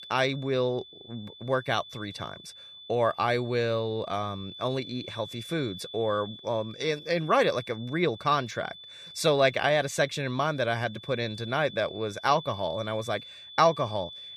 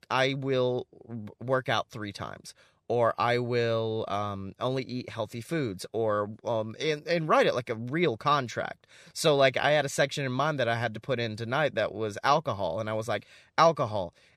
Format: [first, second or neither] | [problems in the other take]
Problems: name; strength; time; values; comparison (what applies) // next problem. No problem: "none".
second | high-pitched whine; noticeable; throughout; 3.5 kHz, 15 dB below the speech